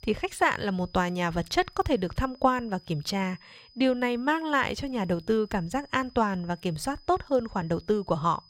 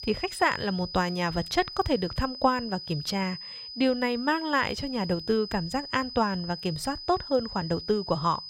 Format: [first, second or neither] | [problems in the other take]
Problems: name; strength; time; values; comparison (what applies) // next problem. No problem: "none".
first | high-pitched whine; loud; throughout; 5 kHz, 10 dB below the speech; faint in the first